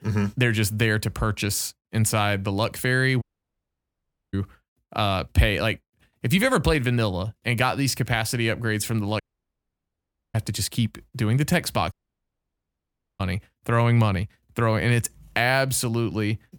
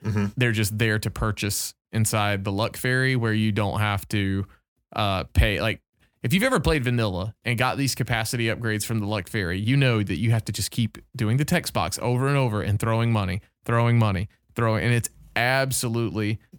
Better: second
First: audio cutting out; at 3 s for 1 s, at 9 s for 1 s and at 12 s for 1.5 s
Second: none

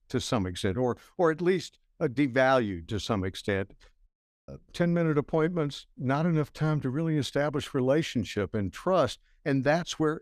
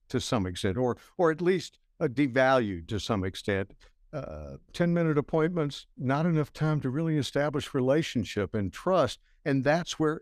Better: second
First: audio cutting out; at 4 s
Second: none

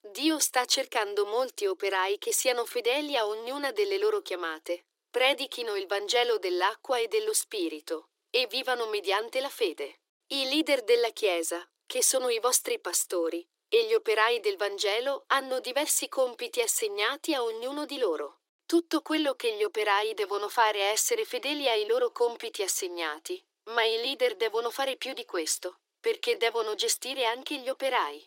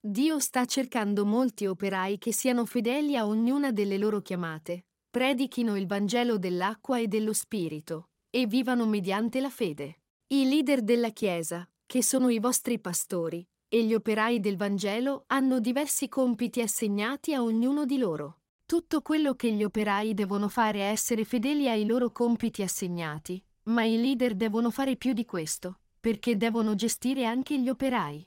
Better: second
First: thin; very; fading below 300 Hz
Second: none

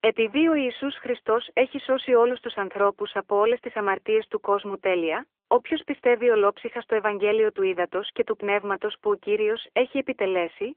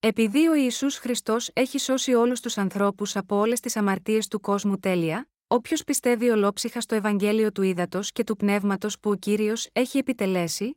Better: second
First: phone-call audio; nothing above 3.5 kHz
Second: none

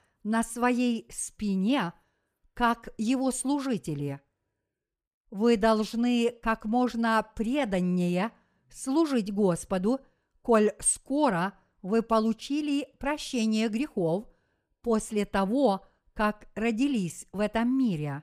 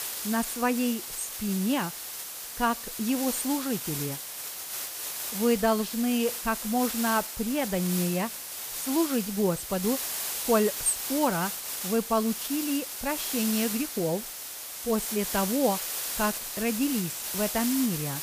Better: first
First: none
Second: hiss; loud; throughout; 3 dB below the speech

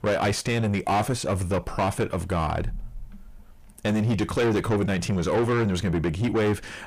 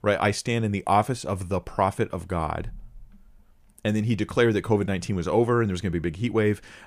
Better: second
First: distortion; heavy; 6 dB below the speech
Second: none

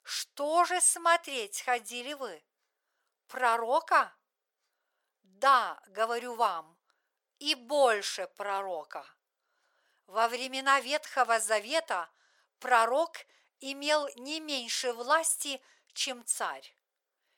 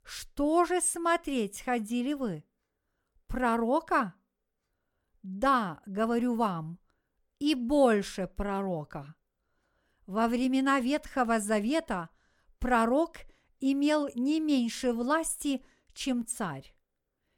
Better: second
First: thin; very; fading below 600 Hz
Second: none

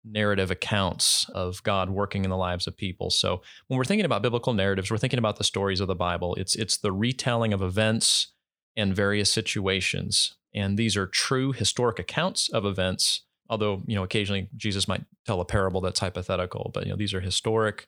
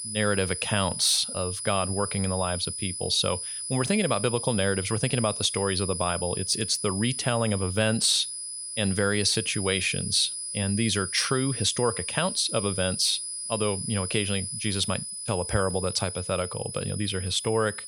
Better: first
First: none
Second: high-pitched whine; loud; throughout; 10 kHz, 5 dB below the speech

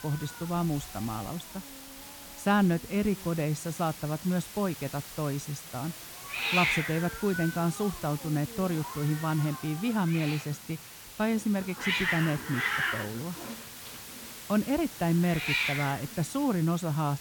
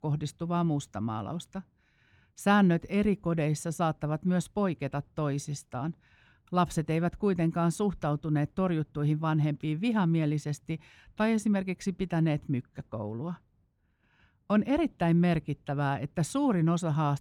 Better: second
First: hiss; loud; throughout; 5 dB below the speech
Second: none

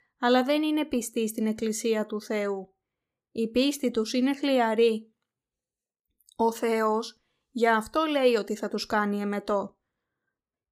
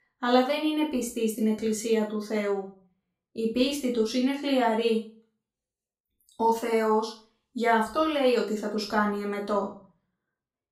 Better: first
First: none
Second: room echo; slight; dies away in 0.4 s // off-mic speech; far

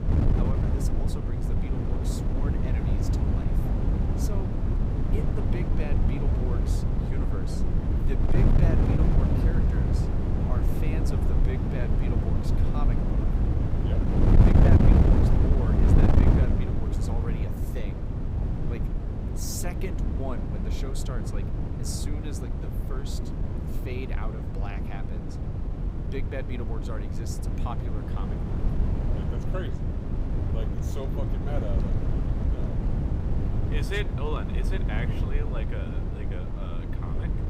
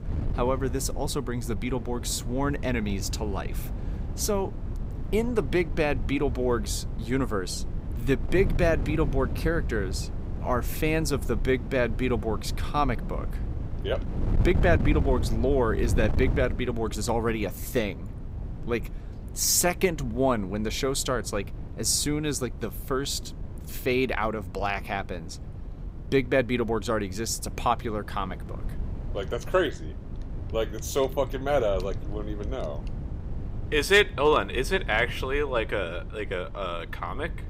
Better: second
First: wind noise on the microphone; heavy; 4 dB above the speech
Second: wind noise on the microphone; occasional gusts; 15 dB below the speech

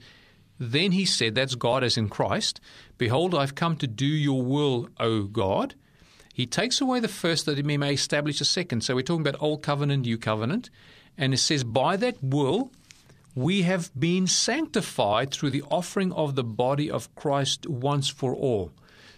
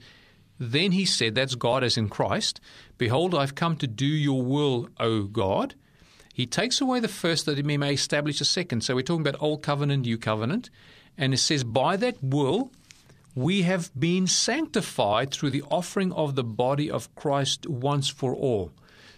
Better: neither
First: none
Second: none

